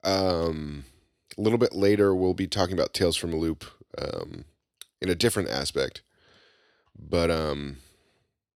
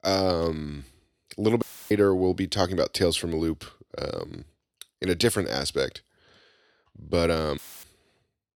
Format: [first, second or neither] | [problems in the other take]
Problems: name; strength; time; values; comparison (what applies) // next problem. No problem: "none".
first | audio cutting out; filled with static; at 1.5 s and at 7.5 s